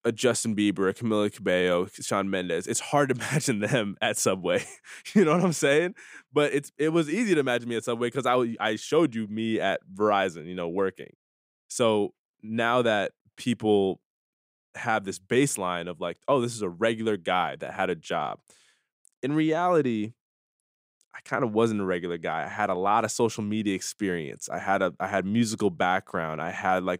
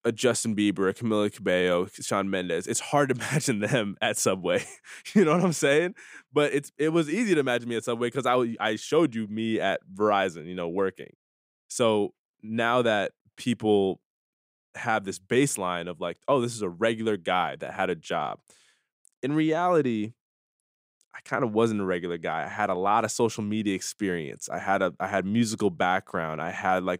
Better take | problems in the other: neither | none

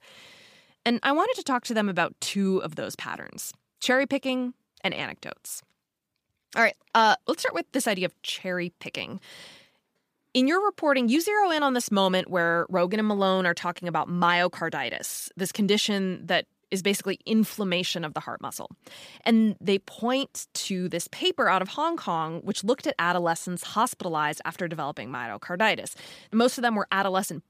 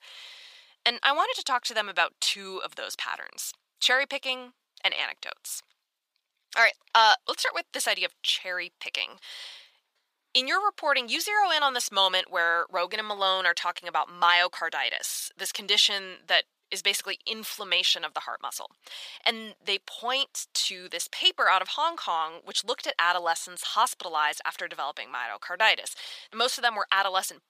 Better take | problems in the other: first | thin; very; fading below 850 Hz

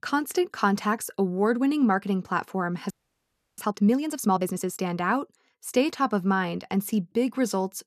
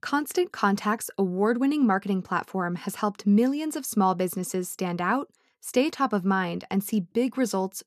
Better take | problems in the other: second | audio freezing; at 3 s for 0.5 s

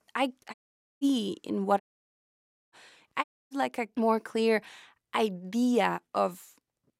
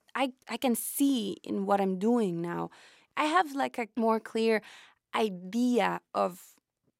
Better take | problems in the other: second | audio cutting out; at 0.5 s, at 2 s for 1 s and at 3 s

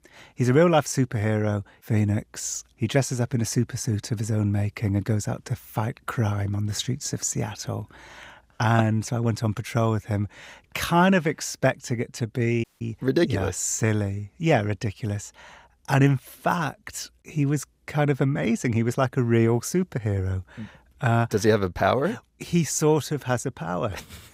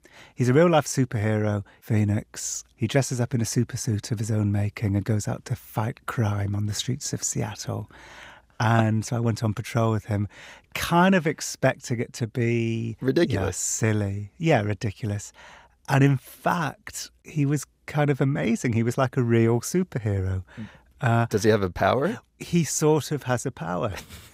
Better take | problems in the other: second | audio cutting out; at 13 s

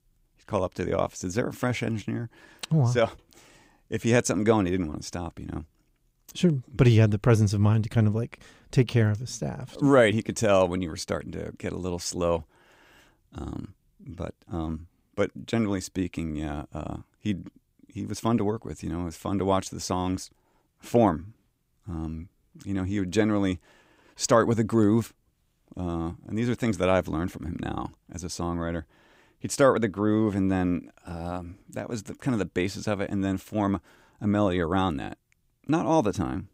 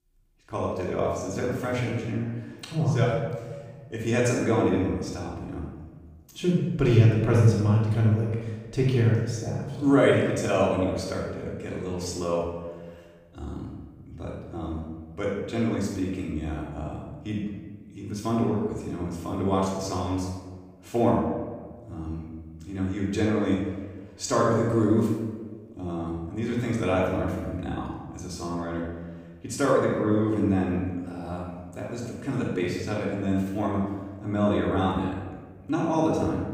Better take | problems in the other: first | off-mic speech; far // room echo; noticeable; dies away in 1.2 s

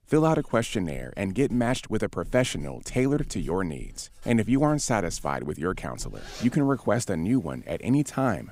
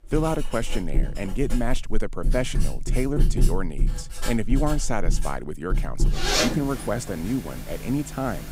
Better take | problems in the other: first | household noises; loud; throughout; 1 dB below the speech; faint in the first

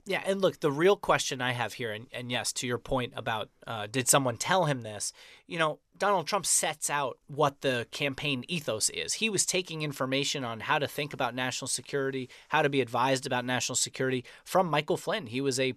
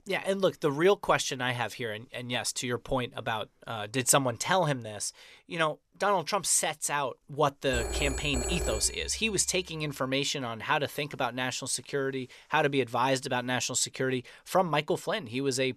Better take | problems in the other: first | phone ringing; noticeable; from 7.5 to 9.5 s; peak 3 dB below the speech

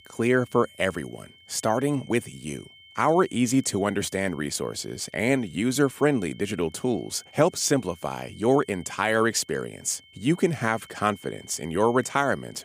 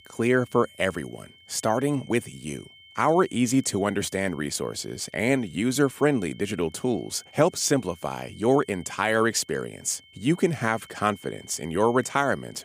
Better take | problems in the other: neither | high-pitched whine; faint; throughout; 3 kHz, 25 dB below the speech; the same in both

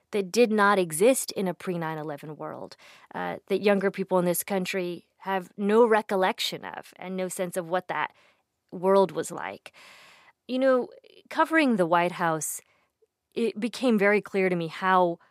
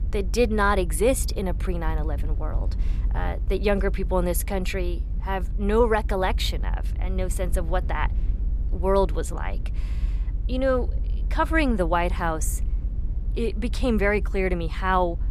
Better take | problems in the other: first | low rumble; faint; throughout; 20 dB below the speech

